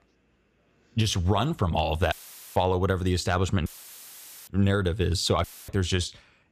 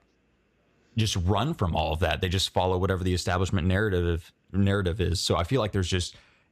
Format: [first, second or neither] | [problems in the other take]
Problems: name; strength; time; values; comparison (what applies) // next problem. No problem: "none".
second | audio cutting out; filled with static; at 2 s, at 3.5 s for 1 s and at 5.5 s